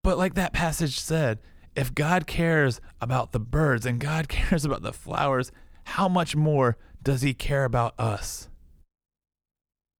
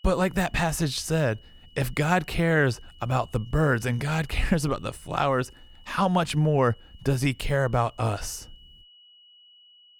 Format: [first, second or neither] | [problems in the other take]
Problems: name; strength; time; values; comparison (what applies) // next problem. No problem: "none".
first | high-pitched whine; faint; throughout; 3 kHz, 25 dB below the speech